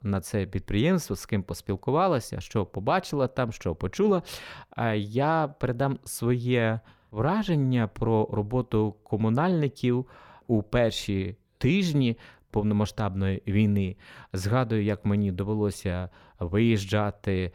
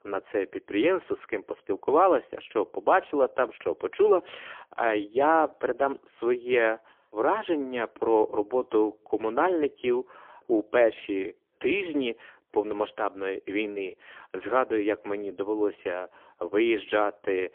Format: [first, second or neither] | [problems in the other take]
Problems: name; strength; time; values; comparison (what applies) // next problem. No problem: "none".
first | phone-call audio; poor line; nothing above 3.5 kHz